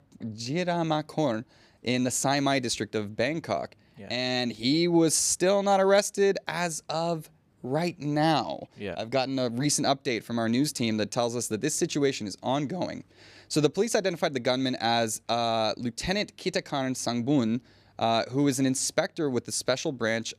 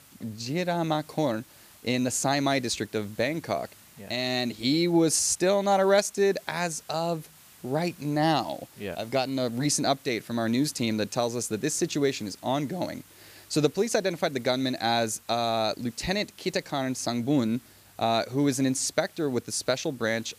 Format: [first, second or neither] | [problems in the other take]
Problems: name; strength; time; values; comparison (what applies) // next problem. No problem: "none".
first | hiss; faint; throughout; 25 dB below the speech